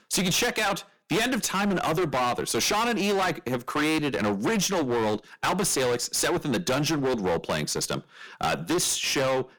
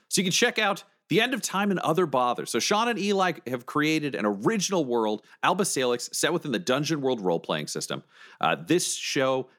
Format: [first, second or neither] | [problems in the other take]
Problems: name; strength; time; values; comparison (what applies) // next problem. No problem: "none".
second | distortion; heavy; 25% of the sound clipped